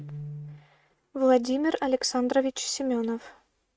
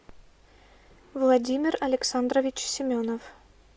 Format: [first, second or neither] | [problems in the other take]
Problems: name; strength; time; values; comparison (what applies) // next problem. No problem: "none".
second | noise reduction (neural mask model RNNoise)